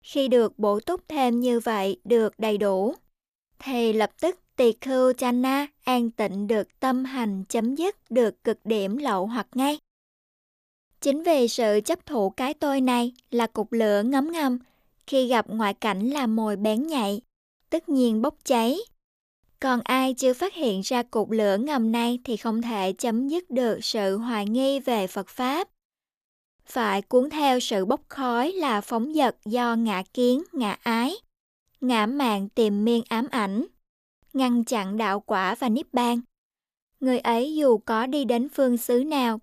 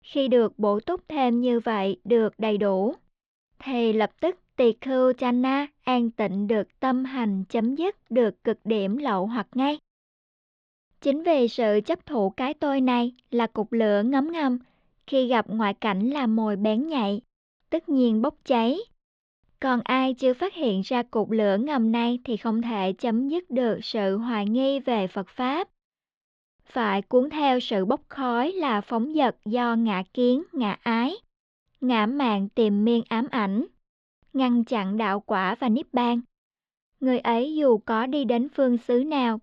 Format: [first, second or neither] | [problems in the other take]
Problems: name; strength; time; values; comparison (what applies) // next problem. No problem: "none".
first | muffled; slightly; fading above 4 kHz